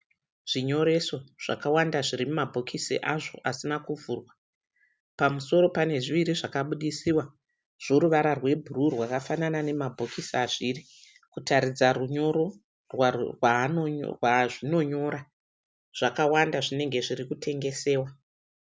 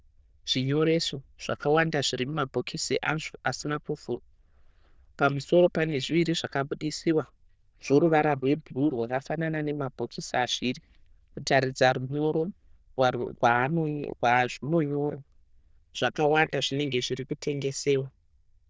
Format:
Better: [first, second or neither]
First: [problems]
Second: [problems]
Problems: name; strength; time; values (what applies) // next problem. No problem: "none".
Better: first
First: none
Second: noise reduction (neural diffusion model UNIVERSE++)